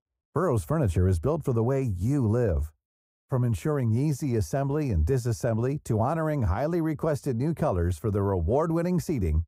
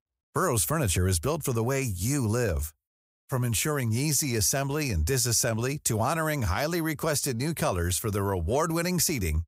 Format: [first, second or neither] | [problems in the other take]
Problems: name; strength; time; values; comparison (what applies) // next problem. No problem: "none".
second | muffled; very; fading above 1.5 kHz